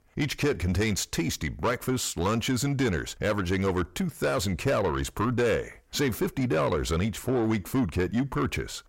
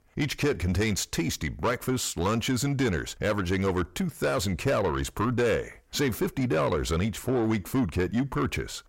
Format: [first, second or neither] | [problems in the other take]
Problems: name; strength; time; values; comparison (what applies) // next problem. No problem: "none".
neither | distortion; slight; 10 dB below the speech; the same in both